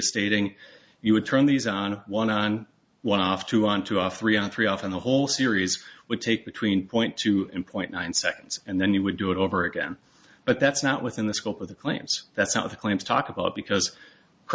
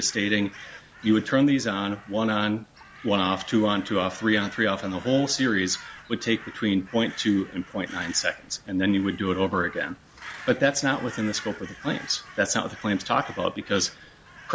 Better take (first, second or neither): first